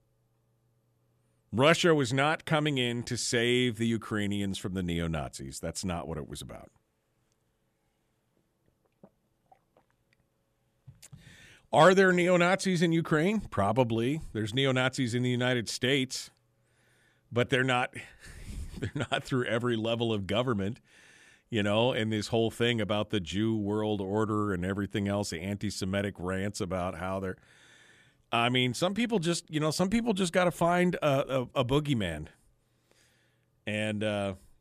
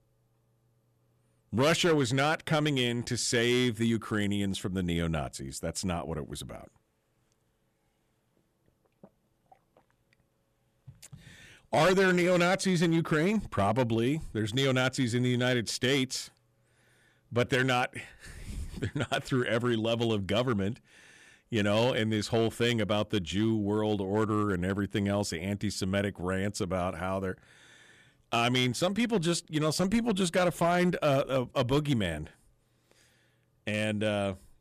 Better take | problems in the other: first | distortion; slight; 3% of the sound clipped

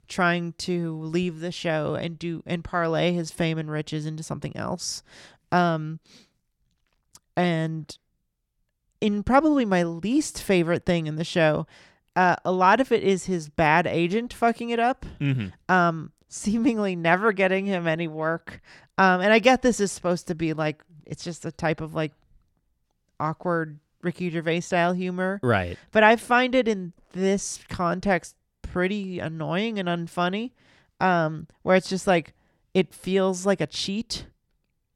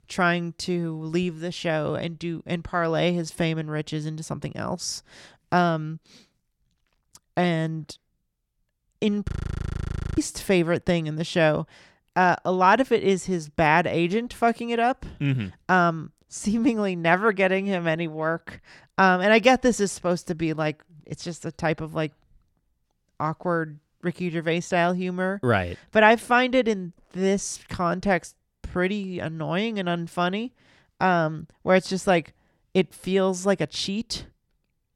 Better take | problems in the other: first | audio freezing; at 9.5 s for 1 s

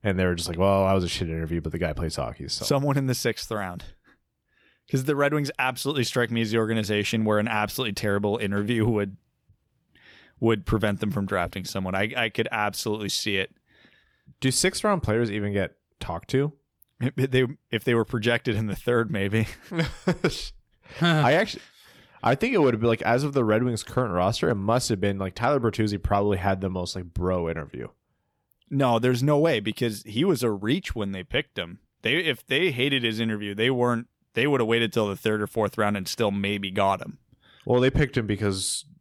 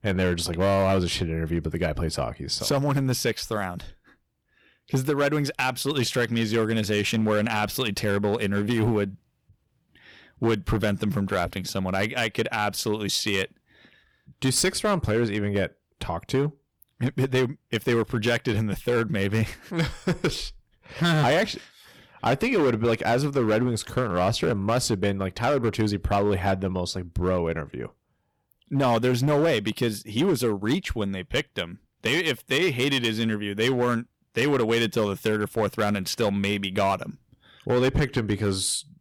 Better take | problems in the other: first | distortion; slight; 6% of the sound clipped

